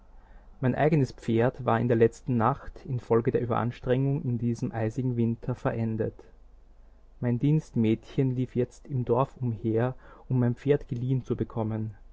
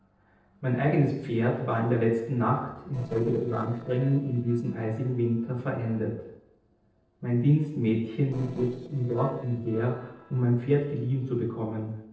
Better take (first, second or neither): first